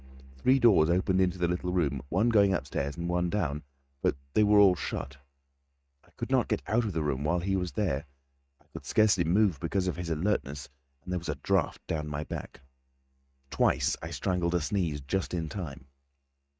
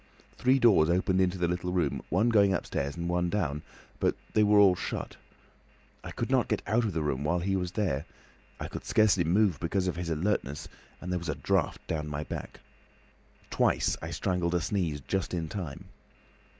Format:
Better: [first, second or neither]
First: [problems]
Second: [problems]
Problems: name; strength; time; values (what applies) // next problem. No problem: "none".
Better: second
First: noise reduction (neural mask model RNNoise)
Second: none